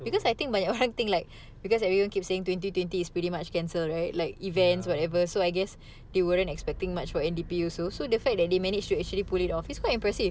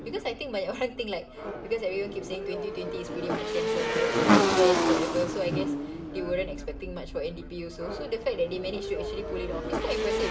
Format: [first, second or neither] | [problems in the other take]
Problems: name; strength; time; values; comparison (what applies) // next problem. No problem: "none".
first | background sound (Motorcycle / Engine); 3 dB above the speech // room echo; dies away in 0.4 s